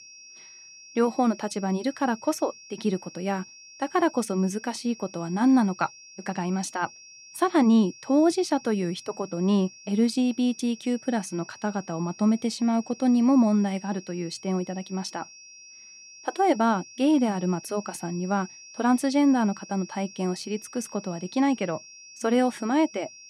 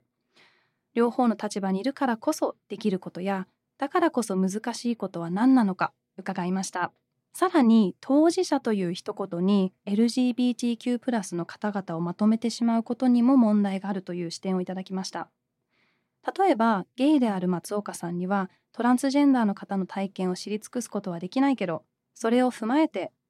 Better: second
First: high-pitched whine; noticeable; throughout; 5.5 kHz, 20 dB below the speech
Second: none

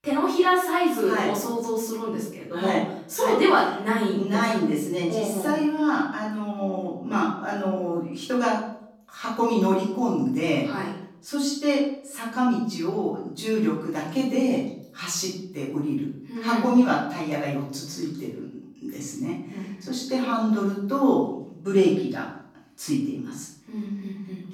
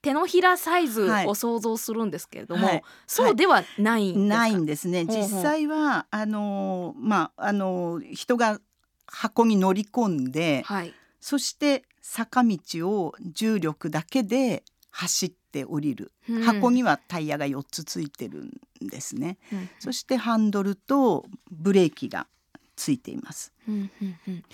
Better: second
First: off-mic speech; far // room echo; noticeable; dies away in 0.6 s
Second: none

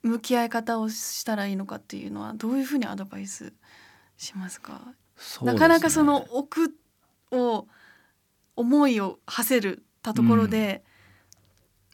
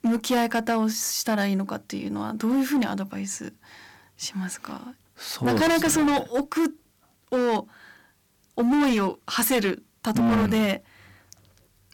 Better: first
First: none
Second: distortion; heavy; 12% of the sound clipped

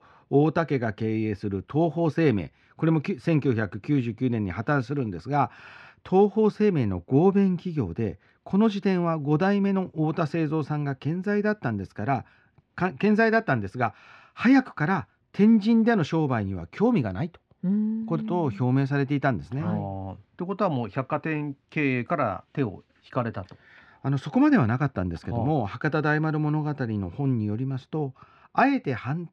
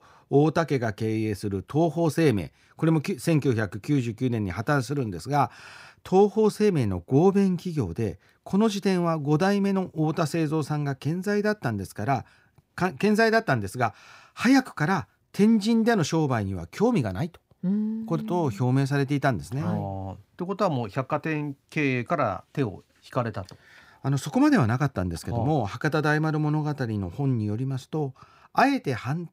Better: second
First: muffled; slightly; fading above 3 kHz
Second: none

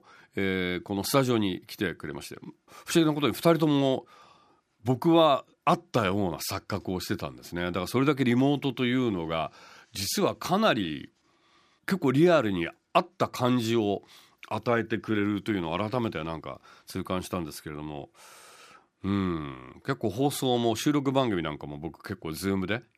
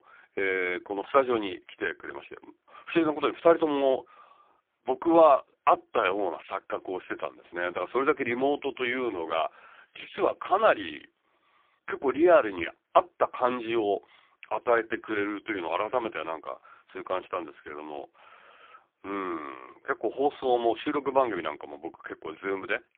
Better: first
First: none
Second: phone-call audio; poor line

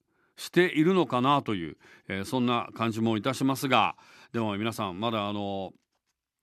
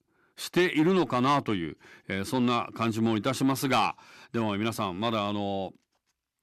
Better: first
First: none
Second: distortion; slight; 10 dB below the speech

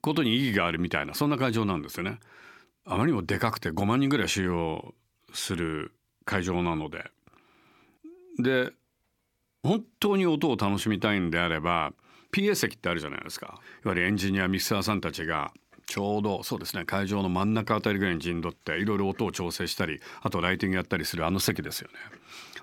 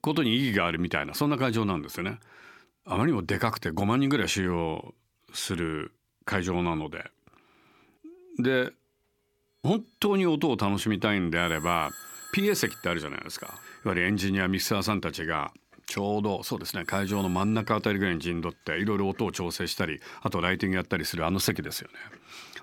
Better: first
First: none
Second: alarms or sirens; noticeable; throughout; 15 dB below the speech

